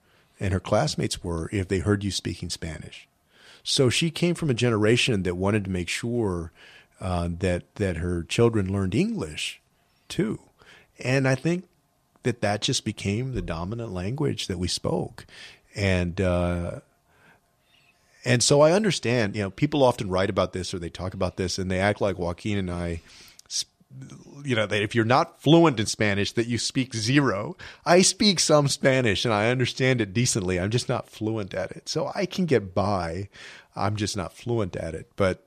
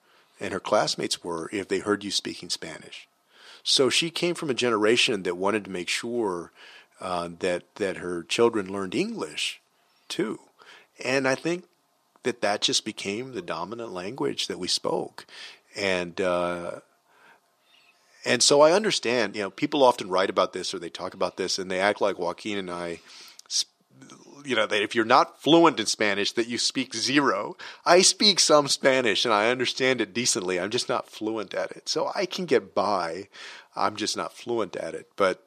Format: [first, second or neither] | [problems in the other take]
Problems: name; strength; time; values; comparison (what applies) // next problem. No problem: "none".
first | thin; somewhat; fading below 350 Hz